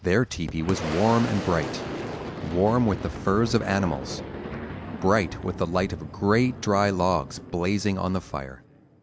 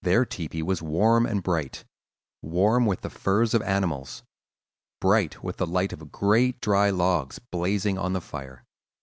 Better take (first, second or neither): second